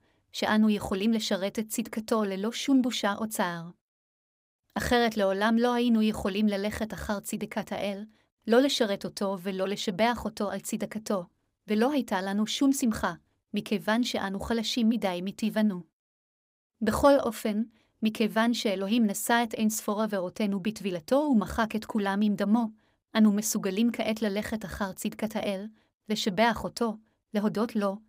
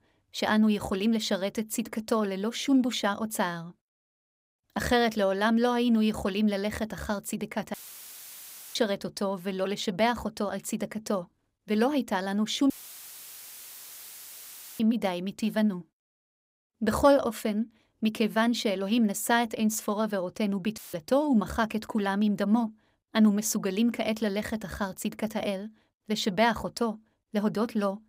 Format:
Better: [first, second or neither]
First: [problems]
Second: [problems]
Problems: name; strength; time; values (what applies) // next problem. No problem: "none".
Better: first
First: none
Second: audio cutting out; filled with static; at 7.5 s for 1 s, at 13 s for 2 s and at 21 s